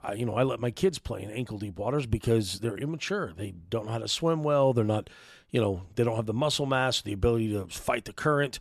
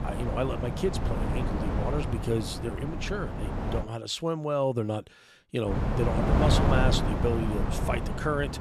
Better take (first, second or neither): first